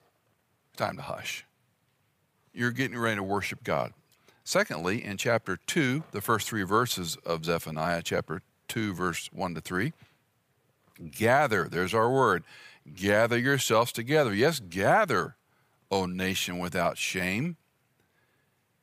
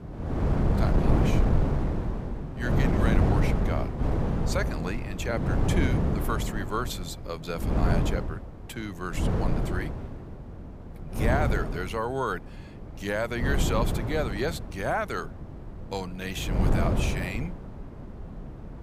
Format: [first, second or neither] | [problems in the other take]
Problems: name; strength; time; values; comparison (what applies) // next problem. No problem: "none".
first | wind noise on the microphone; heavy; 2 dB below the speech